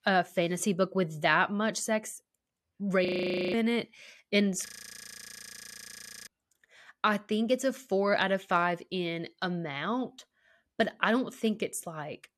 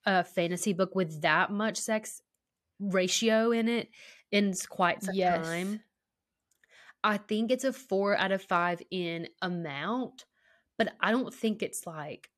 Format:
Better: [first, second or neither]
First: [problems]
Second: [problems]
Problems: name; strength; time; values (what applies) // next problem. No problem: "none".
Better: second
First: audio freezing; at 3 s and at 4.5 s for 1.5 s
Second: none